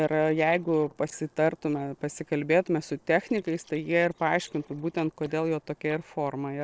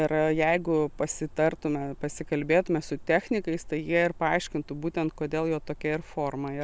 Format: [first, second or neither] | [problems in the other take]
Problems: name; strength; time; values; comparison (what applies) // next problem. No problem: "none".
second | noise reduction (neural separator model SepFormer DNS4)